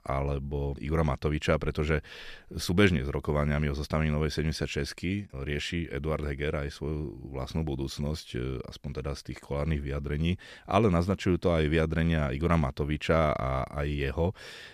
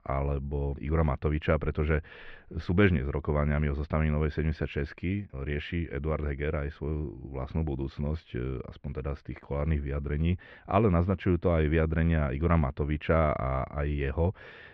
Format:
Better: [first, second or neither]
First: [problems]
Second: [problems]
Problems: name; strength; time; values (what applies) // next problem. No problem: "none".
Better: first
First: none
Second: muffled; very; fading above 2.5 kHz